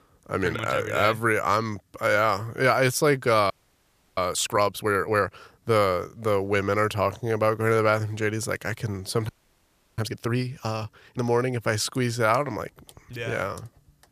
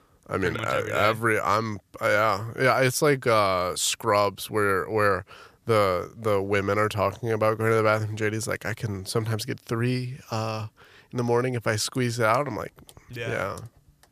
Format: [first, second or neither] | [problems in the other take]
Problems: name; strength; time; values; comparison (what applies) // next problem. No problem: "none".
second | audio freezing; at 3.5 s for 0.5 s and at 9.5 s for 0.5 s